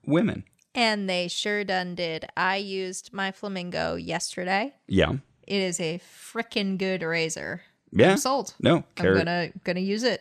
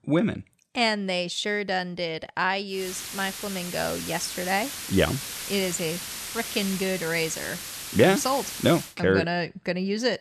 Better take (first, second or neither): first